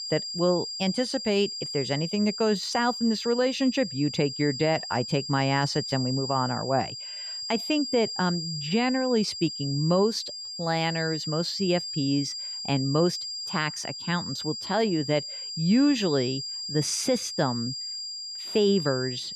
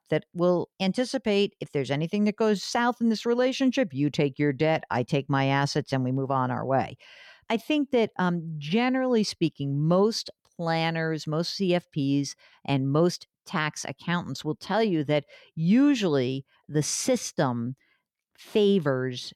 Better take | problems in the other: second | high-pitched whine; loud; throughout; 5 kHz, 6 dB below the speech

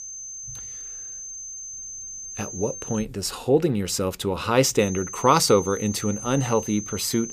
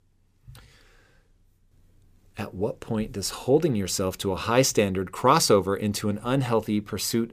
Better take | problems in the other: second | high-pitched whine; noticeable; until 3 s and from 5 s on; 6.5 kHz, 10 dB below the speech

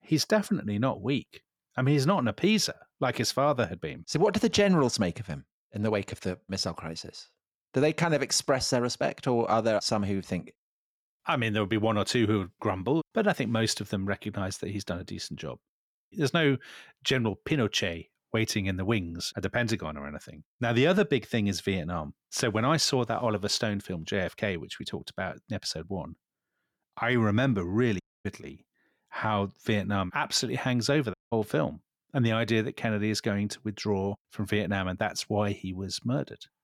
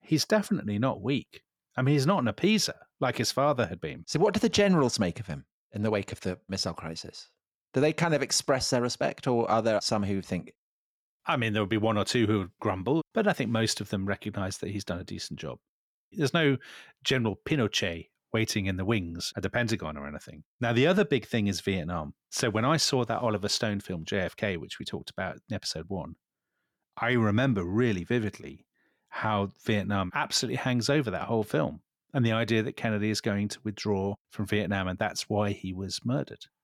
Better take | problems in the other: second | audio cutting out; at 28 s and at 31 s

